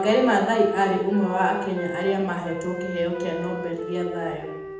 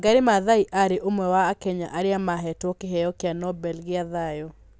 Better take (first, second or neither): second